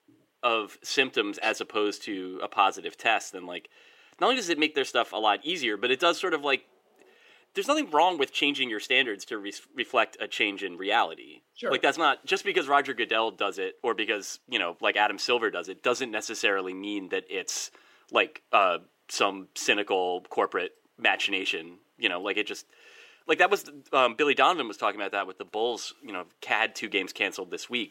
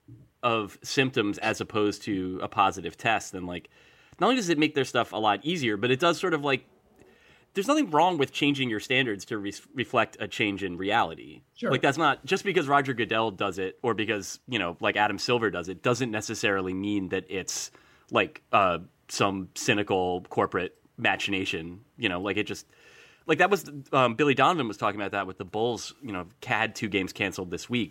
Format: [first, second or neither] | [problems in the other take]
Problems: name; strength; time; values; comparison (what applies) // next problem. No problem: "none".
second | thin; somewhat; fading below 400 Hz